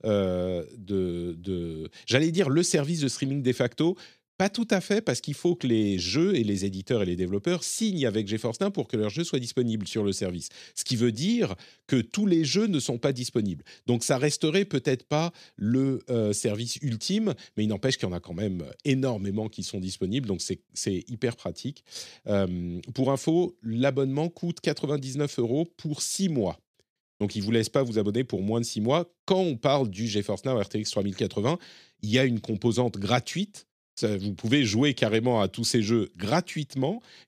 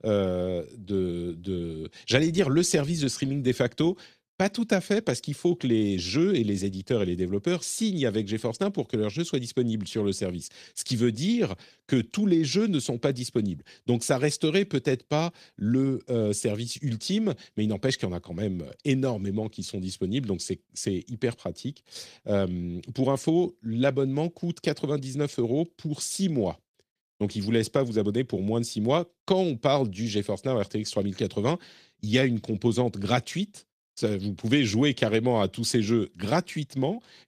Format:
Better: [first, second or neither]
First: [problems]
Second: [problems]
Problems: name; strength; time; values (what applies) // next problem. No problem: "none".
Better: first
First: none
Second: garbled, watery; slightly; nothing above 14.5 kHz